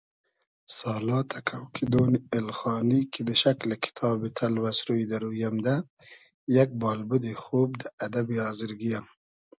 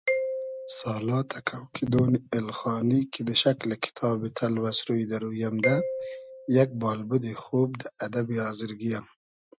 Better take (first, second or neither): first